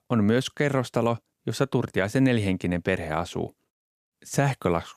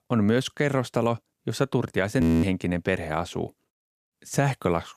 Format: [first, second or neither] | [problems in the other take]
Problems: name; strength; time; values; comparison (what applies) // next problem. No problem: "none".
first | audio freezing; at 2 s